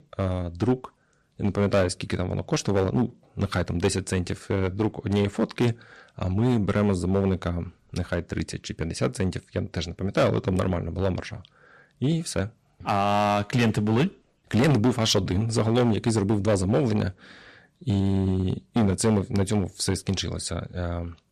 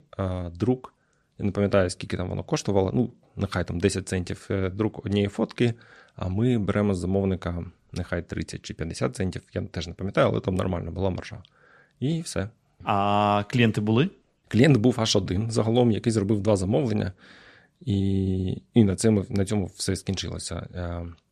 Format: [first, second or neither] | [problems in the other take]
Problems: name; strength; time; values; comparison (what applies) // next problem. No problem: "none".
second | distortion; slight; 5% of the sound clipped